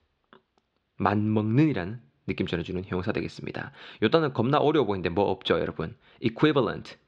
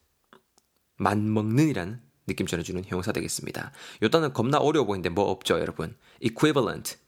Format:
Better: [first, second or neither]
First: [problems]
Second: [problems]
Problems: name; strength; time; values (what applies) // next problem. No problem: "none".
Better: second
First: muffled; slightly; fading above 3.5 kHz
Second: none